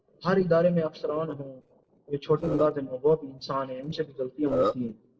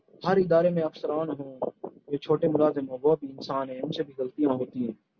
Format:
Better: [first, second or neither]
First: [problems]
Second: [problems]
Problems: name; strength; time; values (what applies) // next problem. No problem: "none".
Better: second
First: noise reduction (neural separator model SepFormer DNS4)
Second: none